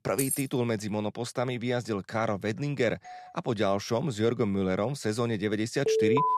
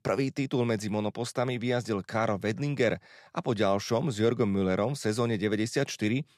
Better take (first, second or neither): second